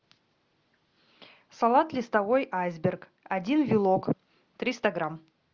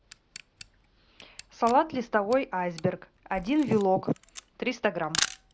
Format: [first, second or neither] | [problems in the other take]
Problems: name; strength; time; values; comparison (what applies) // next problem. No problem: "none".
first | background sound (Camera); 12 dB below the speech